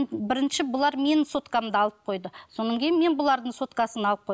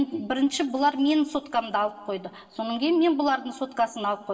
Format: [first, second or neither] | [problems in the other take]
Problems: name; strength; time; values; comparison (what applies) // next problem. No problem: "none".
first | room echo; dies away in 1.4 s